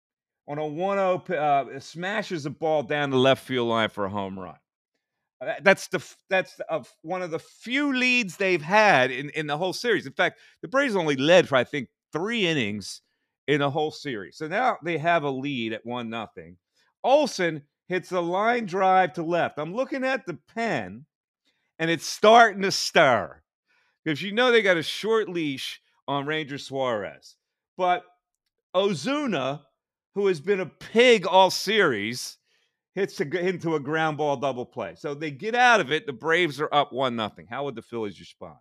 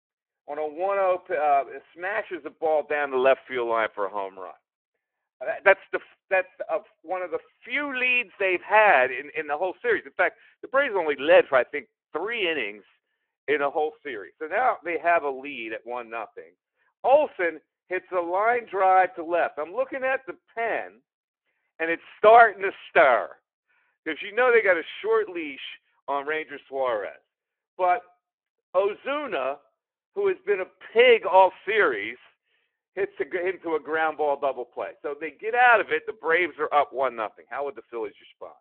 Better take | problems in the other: first | phone-call audio

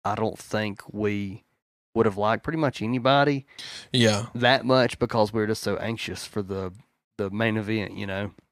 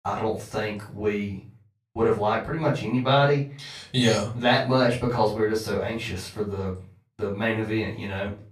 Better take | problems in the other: first | off-mic speech; far // room echo; slight; dies away in 0.3 s

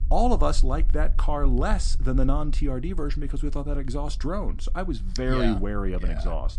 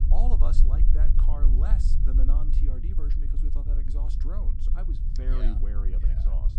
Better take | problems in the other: first | low rumble; loud; throughout; 3 dB below the speech; faint in the first

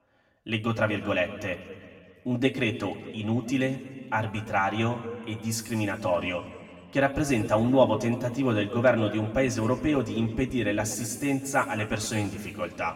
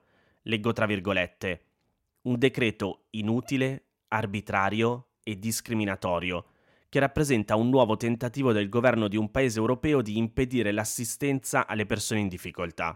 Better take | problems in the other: second | room echo; slight; dies away in 1.5 s // off-mic speech; far

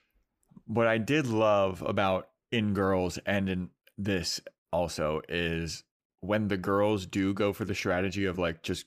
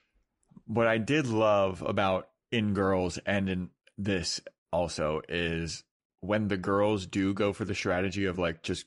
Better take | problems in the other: first | garbled, watery; slightly; nothing above 11 kHz

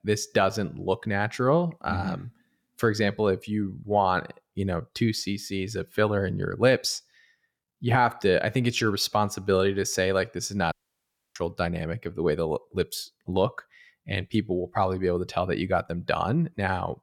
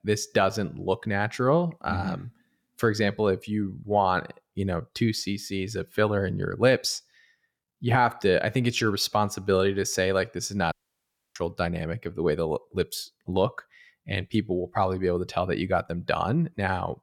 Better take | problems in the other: neither | audio cutting out; at 11 s for 0.5 s; the same in both

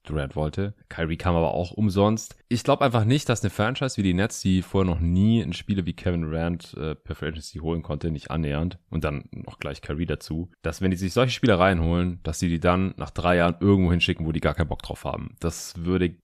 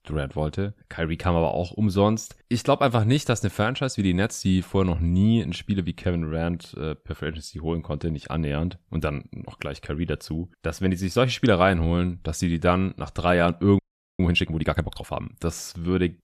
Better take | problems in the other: first | audio freezing; at 14 s

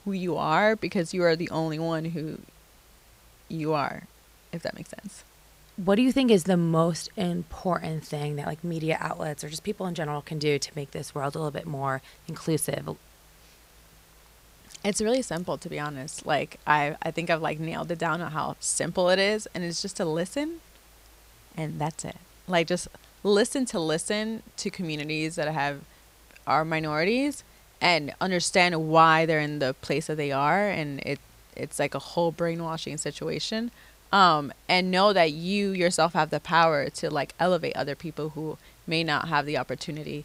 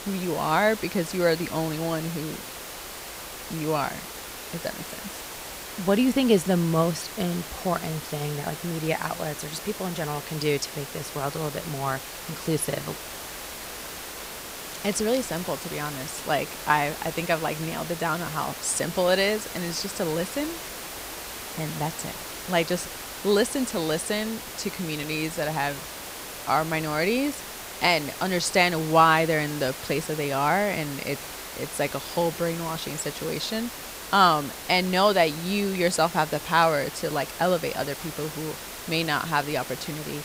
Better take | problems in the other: first | hiss; loud; throughout; 9 dB below the speech; faint in the first

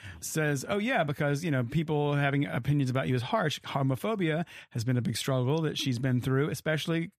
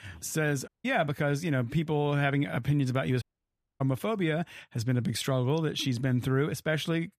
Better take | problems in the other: first | audio cutting out; at 0.5 s and at 3 s for 0.5 s

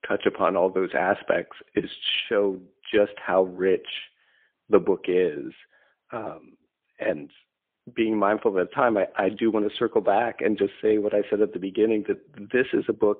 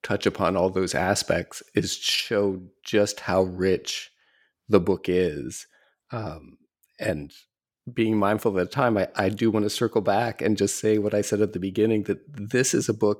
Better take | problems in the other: second | phone-call audio; poor line; nothing above 3.5 kHz

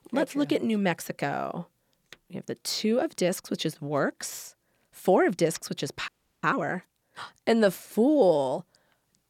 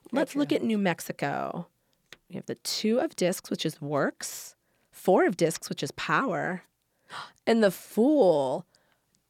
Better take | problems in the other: second | audio freezing; at 6 s

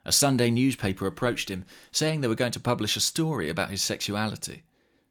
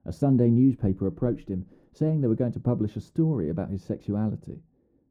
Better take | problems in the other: first | muffled; very; fading above 1 kHz

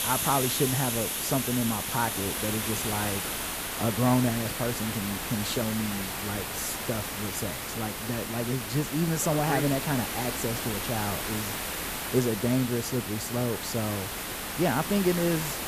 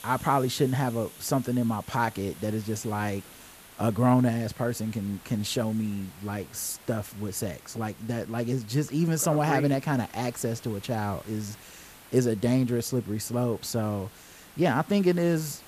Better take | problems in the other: second | hiss; loud; throughout; 1 dB below the speech; faint in the second

